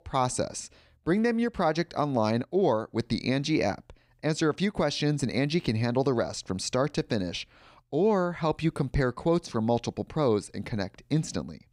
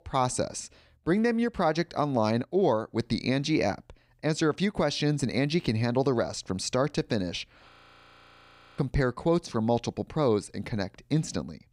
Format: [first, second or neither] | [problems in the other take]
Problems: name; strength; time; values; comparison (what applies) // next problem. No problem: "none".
first | audio freezing; at 7.5 s for 1 s